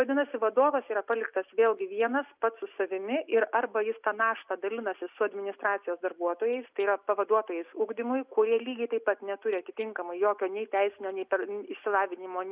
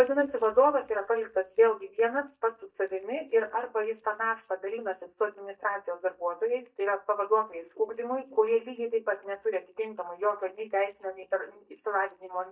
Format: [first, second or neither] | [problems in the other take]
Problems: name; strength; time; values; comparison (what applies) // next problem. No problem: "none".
first | noise reduction (neural mask model DeepFilterNet 3)